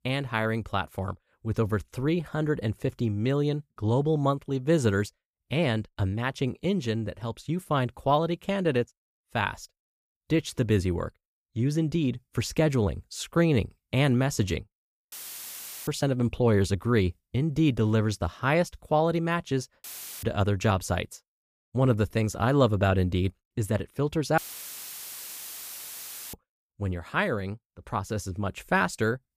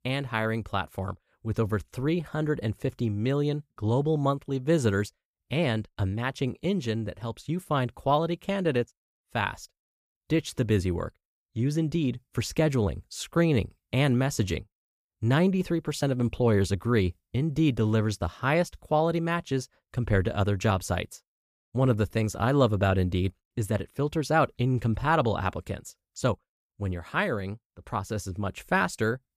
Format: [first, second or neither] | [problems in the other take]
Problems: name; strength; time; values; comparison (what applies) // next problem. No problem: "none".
second | audio cutting out; filled with static; at 15 s for 1 s, at 20 s and at 24 s for 2 s